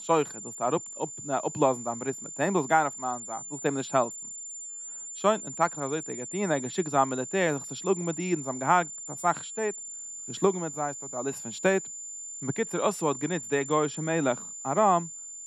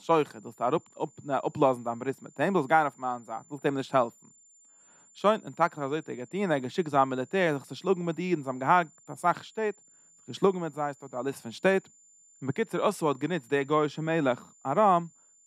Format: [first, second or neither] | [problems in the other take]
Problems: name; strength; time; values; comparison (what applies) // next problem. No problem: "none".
second | high-pitched whine; loud; throughout; 7 kHz, 8 dB below the speech; faint in the second